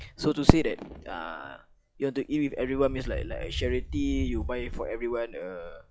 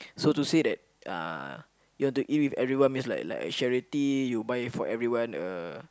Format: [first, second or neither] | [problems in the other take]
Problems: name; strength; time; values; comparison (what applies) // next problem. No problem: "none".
second | noise reduction (classical method log-MMSE)